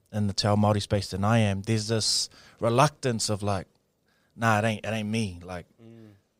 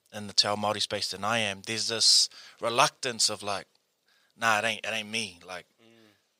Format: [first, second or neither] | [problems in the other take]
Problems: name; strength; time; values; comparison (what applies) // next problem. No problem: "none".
first | thin; somewhat; fading below 1 kHz